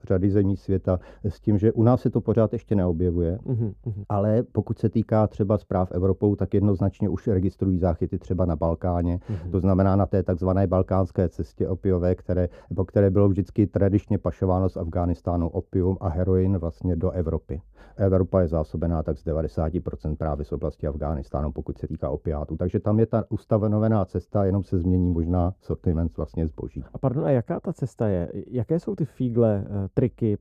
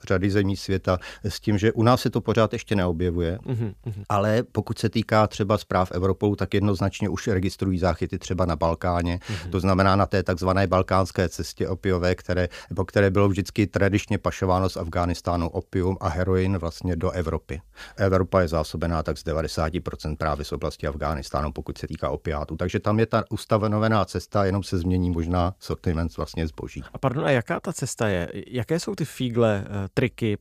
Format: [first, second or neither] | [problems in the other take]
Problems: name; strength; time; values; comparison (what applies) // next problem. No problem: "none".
second | muffled; very; fading above 1 kHz